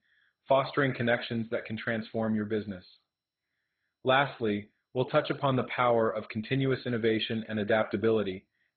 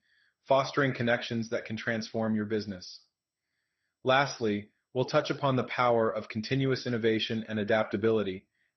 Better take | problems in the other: second | garbled, watery; badly; nothing above 3.5 kHz; slightly in the second

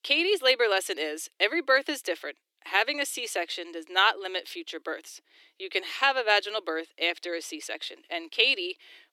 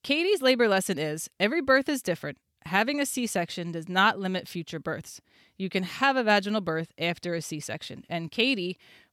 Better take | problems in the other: second | thin; very; fading below 300 Hz

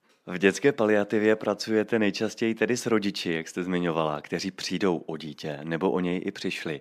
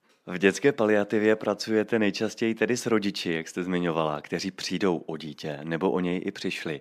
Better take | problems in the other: neither | none

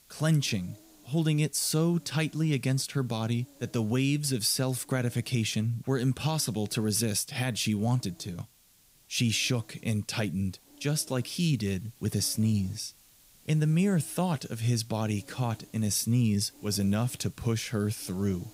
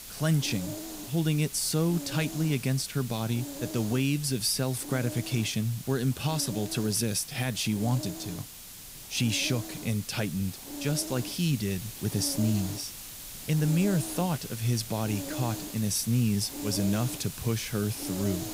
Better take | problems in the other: first | hiss; loud; throughout; 9 dB below the speech; faint in the first

